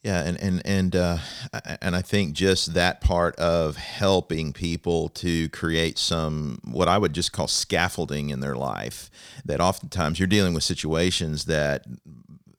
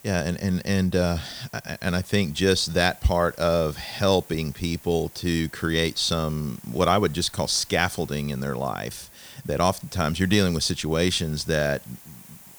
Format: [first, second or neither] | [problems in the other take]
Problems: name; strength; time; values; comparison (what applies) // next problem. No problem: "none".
first | hiss; noticeable; throughout; 20 dB below the speech